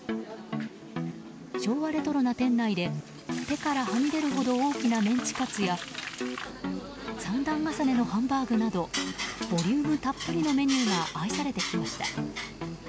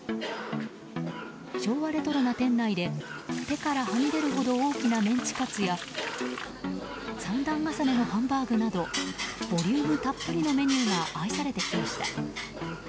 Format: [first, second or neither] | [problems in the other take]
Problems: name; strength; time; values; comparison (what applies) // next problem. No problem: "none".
first | background sound (Cough); 13 dB below the speech